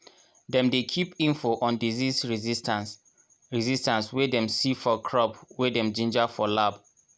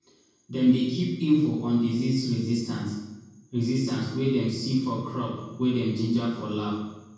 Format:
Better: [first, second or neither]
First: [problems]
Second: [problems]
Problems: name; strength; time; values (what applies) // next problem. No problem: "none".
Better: first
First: none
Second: room echo; dies away in 1.2 s